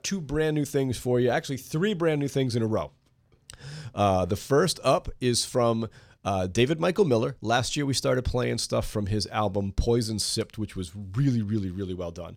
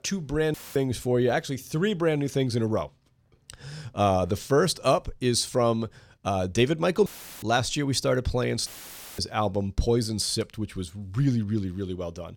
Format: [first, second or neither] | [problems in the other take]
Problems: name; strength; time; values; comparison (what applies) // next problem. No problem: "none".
first | audio cutting out; filled with static; at 0.5 s, at 7 s and at 8.5 s for 0.5 s